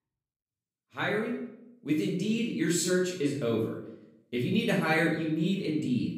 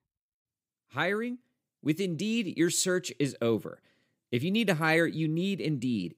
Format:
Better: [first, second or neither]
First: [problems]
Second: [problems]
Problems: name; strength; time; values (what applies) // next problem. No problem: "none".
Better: second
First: off-mic speech; far // room echo; noticeable; dies away in 0.6 s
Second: none